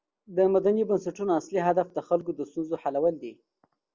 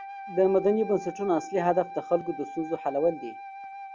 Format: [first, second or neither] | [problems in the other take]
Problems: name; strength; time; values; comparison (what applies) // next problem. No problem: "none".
first | background sound (Wind instrument, woodwind instrument); 13 dB below the speech